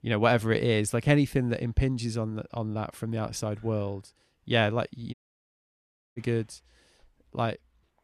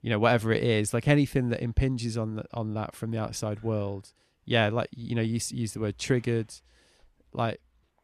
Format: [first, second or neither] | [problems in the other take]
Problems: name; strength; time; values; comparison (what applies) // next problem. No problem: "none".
second | audio cutting out; at 5 s for 1 s